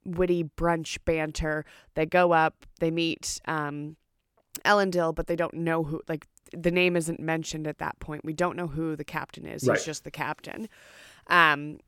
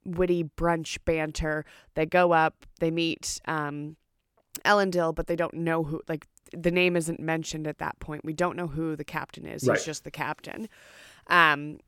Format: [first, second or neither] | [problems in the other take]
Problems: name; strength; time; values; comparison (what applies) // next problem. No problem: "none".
neither | none